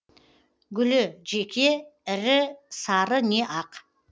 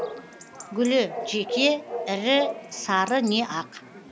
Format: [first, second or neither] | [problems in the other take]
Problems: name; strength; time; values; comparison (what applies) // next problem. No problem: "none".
first | background sound (Bark / Chatter / Chirp, tweet / Livestock, farm animals, working animals); 10 dB below the speech